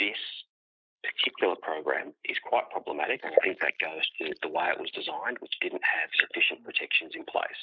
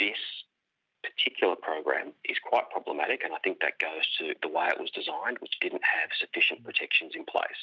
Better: second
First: noise reduction (neural mask model Resemble Enhance denoiser)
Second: none

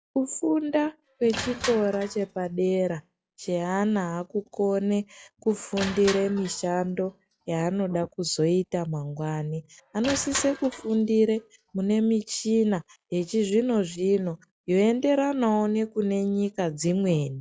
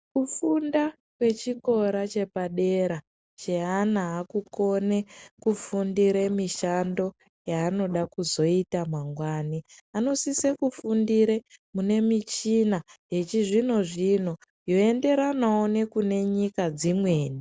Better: second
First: noise reduction (classical method log-MMSE)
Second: none

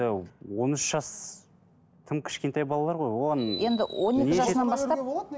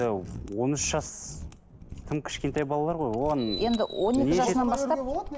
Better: first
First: none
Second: background sound (Mechanisms); 14 dB below the speech

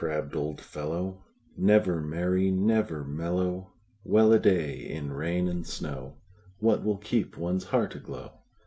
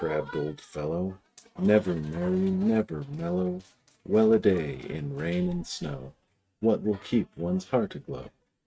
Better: first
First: none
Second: noise reduction (neural mask model RNNoise)

